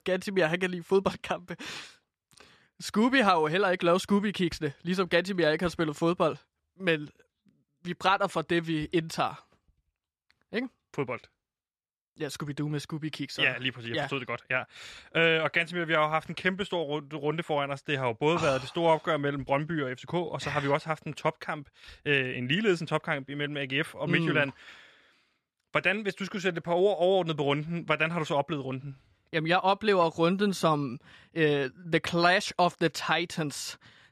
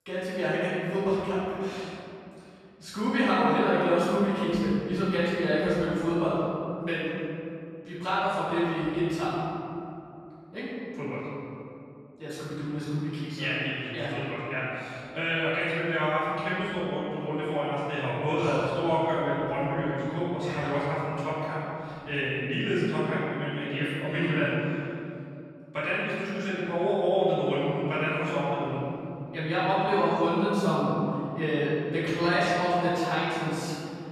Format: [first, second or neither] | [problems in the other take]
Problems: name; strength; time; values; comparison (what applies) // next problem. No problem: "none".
first | off-mic speech; far // room echo; strong; dies away in 2.7 s